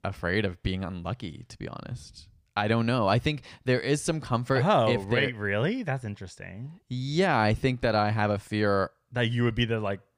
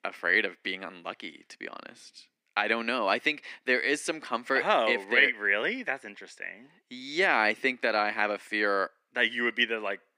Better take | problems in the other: first | thin; somewhat; fading below 250 Hz

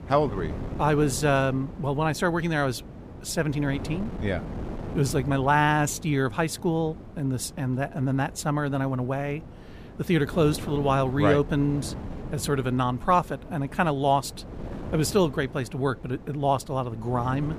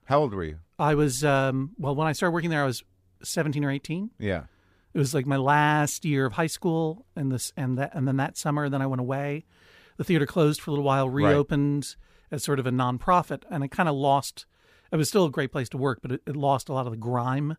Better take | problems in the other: second | wind noise on the microphone; occasional gusts; 15 dB below the speech

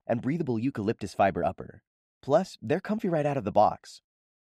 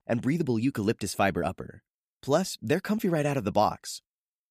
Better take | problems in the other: second | muffled; slightly; fading above 2.5 kHz

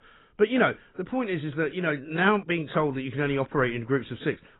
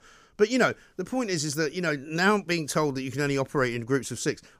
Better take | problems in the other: second | garbled, watery; badly; nothing above 4 kHz

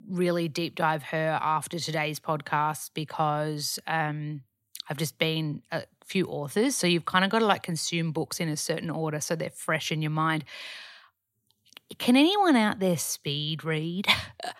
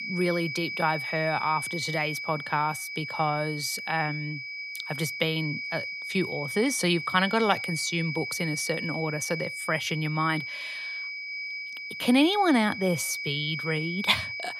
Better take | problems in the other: first | high-pitched whine; loud; throughout; 2.5 kHz, 5 dB below the speech

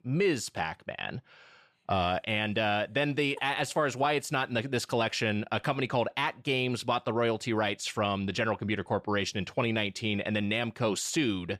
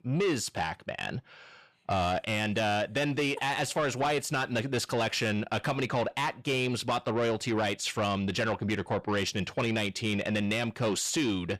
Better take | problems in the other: first | distortion; slight; 10 dB below the speech

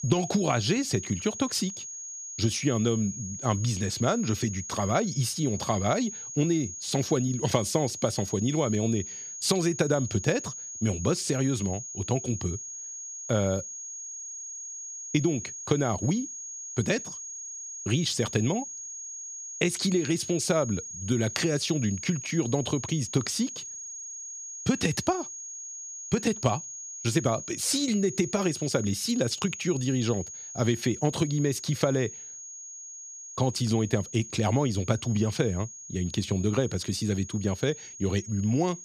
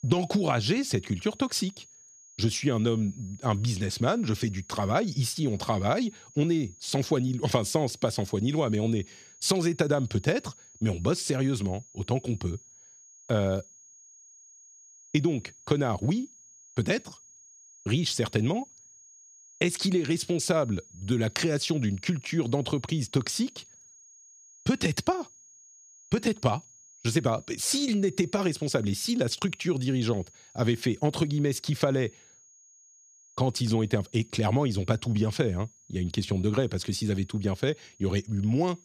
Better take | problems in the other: second | high-pitched whine; loud; throughout; 6.5 kHz, 9 dB below the speech; faint in the second

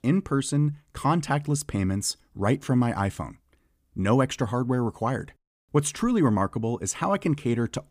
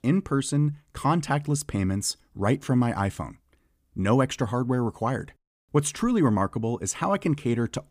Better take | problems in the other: neither | none

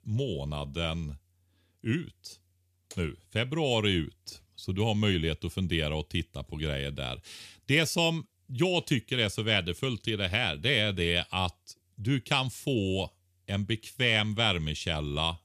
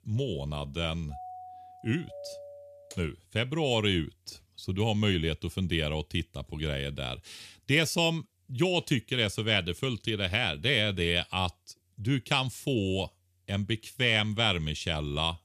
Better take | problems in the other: first | doorbell; faint; from 1 to 3 s; peak 15 dB below the speech

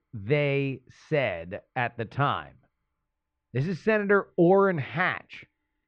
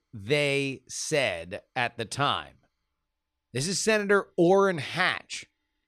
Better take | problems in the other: second | muffled; very; fading above 2.5 kHz

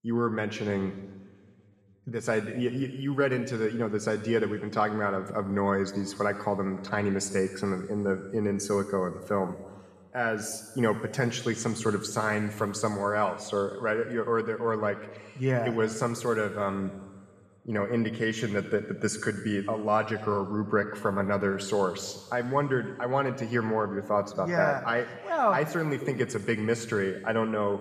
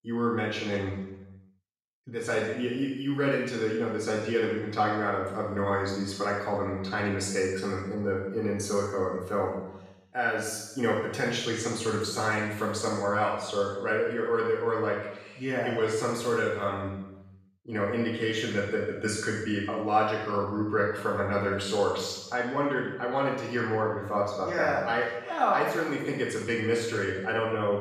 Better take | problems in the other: first | room echo; strong; dies away in 0.8 s; slight in the first // off-mic speech; far

